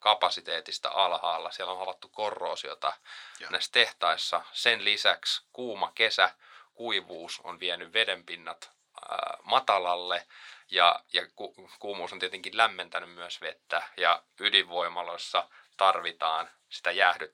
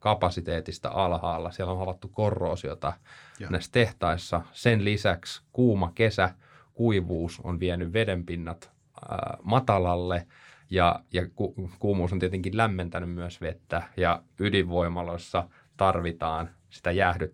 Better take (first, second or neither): second